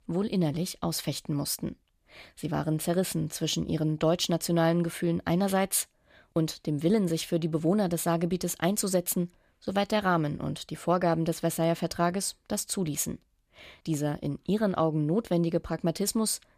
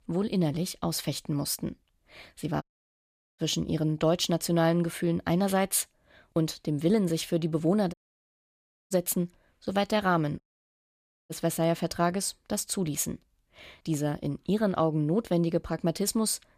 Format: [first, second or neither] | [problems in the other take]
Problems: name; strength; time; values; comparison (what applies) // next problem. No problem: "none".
first | audio cutting out; at 2.5 s for 1 s, at 8 s for 1 s and at 10 s for 1 s